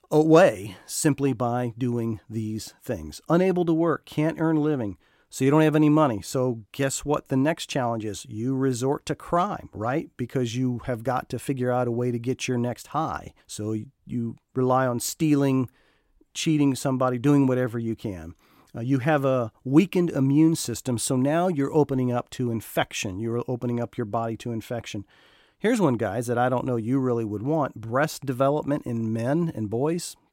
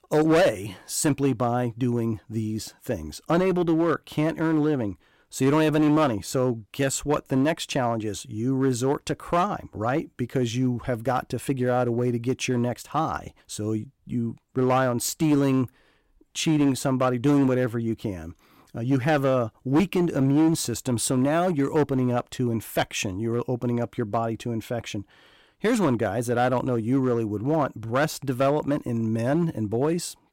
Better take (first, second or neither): first